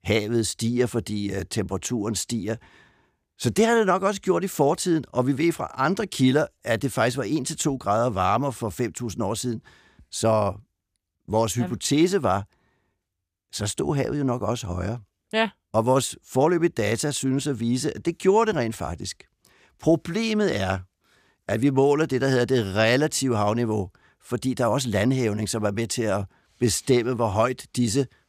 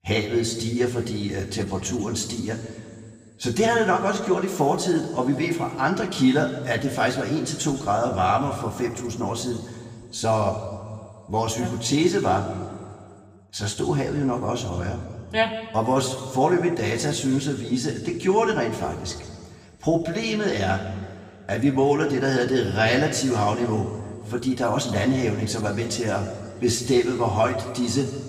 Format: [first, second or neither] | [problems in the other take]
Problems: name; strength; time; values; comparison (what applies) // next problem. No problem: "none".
first | room echo; slight; dies away in 1.9 s // off-mic speech; somewhat distant